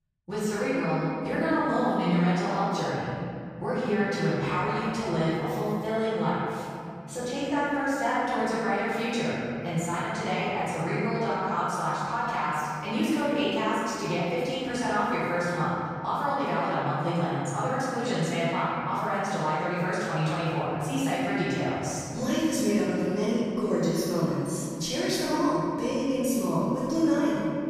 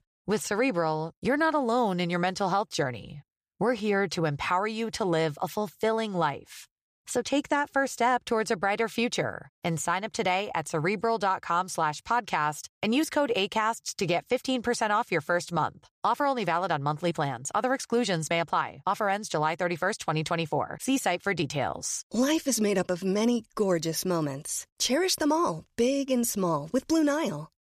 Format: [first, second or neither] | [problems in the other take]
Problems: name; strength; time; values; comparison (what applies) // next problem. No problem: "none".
second | room echo; strong; dies away in 3 s // off-mic speech; far